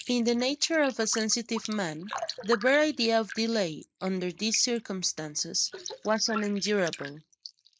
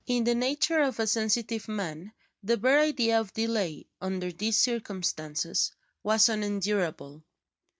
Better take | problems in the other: second | noise reduction (neural mask model Resemble Enhance denoiser)

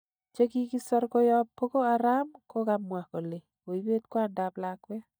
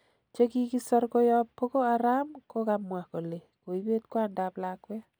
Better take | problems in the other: second | noise reduction (neural mask model DeepFilterNet 3)

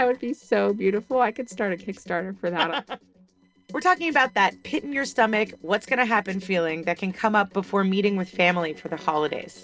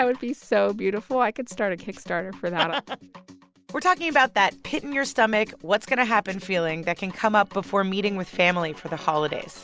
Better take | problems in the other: second | noise reduction (neural separator model SepFormer DNS4)

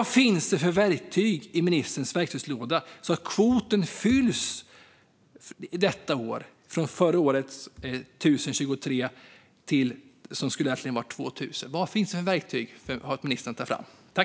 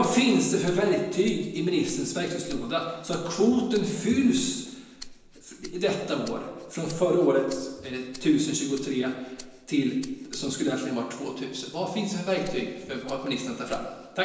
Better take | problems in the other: first | background sound (Rattle (instrument)); 19 dB below the speech // room echo; dies away in 1 s

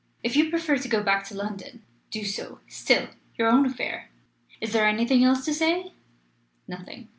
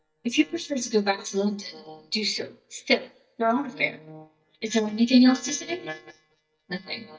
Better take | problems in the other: first | noise reduction (neural mask model DeepFilterNet 3)

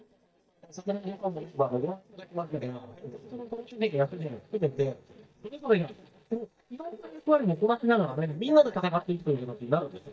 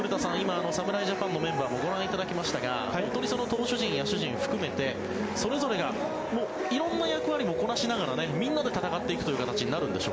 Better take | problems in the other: second | noise reduction (neural mask model DeepFilterNet 3)

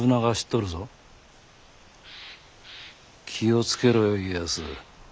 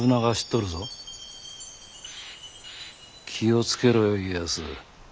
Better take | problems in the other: first | background sound (Chime); 18 dB below the speech

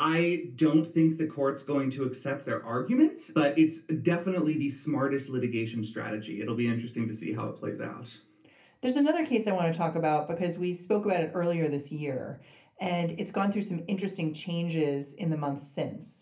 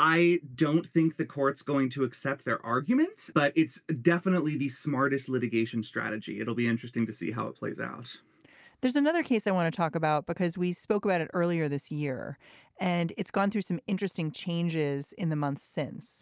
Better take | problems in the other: second | room echo; dies away in 0.3 s

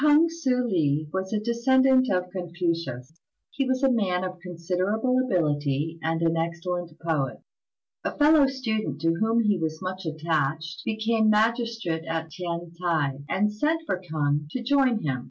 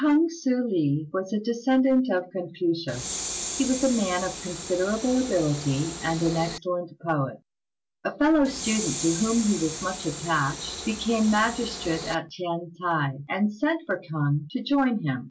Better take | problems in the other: first | background sound (Train); 9 dB below the speech

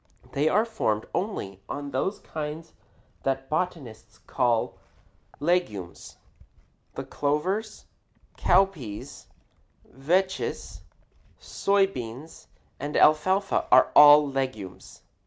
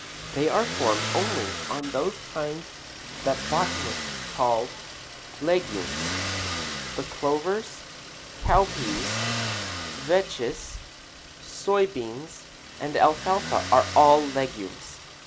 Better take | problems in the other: first | background sound (Motor vehicle (road)); 7 dB below the speech

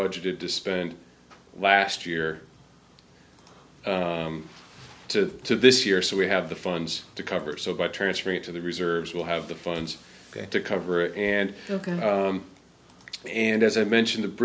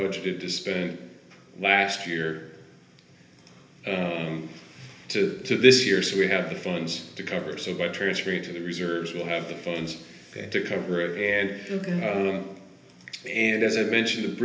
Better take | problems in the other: first | room echo; dies away in 0.8 s

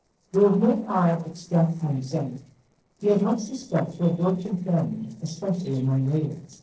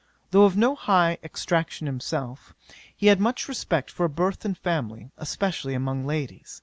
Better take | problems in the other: second | noise reduction (neural separator model SepFormer DNS4)

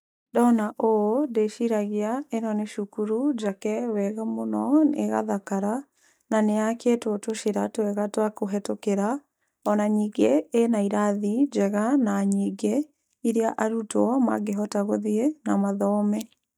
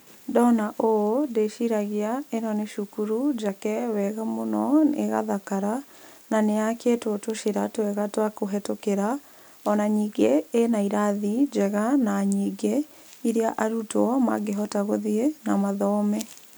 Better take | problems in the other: second | noise reduction (neural mask model DeepFilterNet 3)

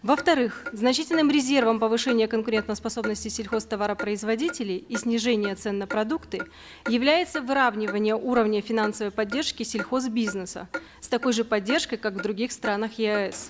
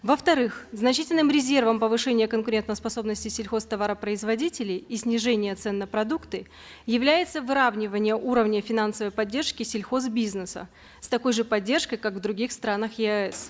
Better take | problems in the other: second | background sound (Clock); 14 dB below the speech

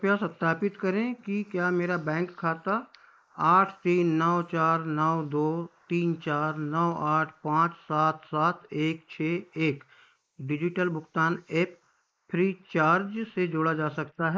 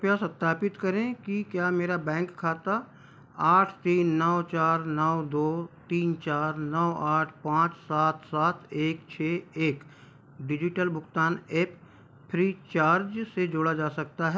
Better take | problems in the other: second | noise reduction (neural mask model Resemble Enhance denoiser)

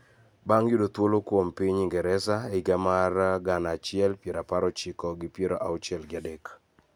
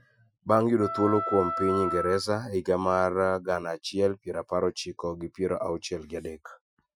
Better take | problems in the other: first | noise reduction (classical method Wiener filter)

